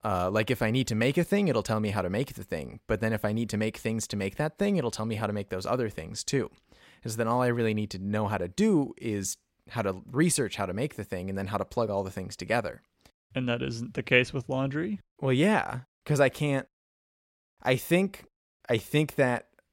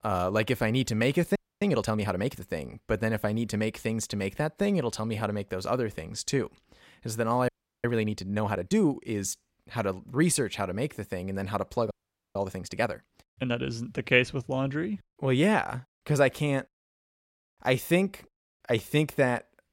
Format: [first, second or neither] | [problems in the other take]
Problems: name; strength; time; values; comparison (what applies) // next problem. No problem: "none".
first | audio freezing; at 1.5 s, at 7.5 s and at 12 s